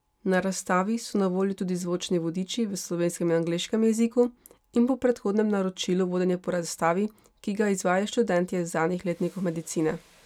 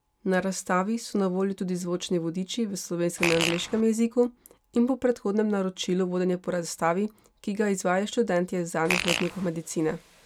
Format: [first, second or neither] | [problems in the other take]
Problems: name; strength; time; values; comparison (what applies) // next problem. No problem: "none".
first | background sound (Fart); 2 dB below the speech